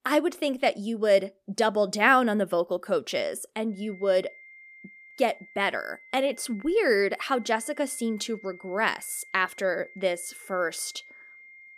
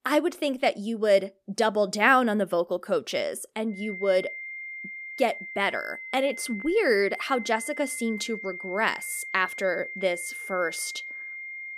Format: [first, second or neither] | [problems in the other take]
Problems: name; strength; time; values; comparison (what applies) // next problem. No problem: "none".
first | high-pitched whine; loud; from 4 s on; 2 kHz, 9 dB below the speech; faint in the first